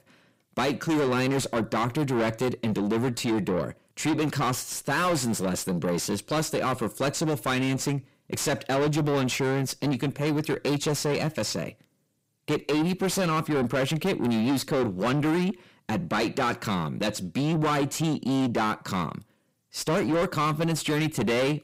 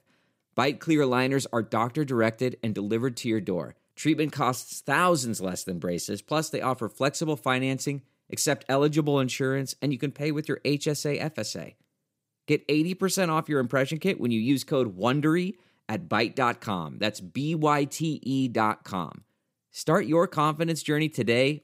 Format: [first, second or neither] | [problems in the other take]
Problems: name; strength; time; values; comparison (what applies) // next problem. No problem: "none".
second | distortion; heavy; 6 dB below the speech